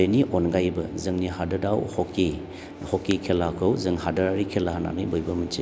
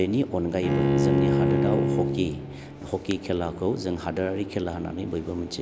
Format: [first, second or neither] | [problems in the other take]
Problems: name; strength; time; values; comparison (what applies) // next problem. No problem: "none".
first | background sound (Bowed string instrument); 3 dB above the speech